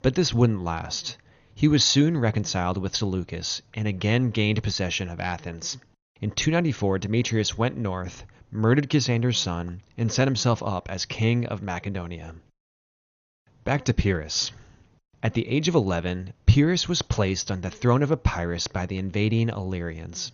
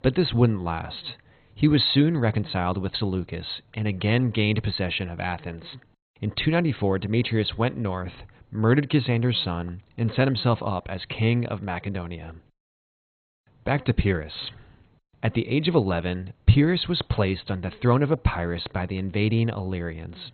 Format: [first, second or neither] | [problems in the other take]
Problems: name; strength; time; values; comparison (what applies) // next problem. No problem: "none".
first | garbled, watery; badly; nothing above 4 kHz; slightly in the first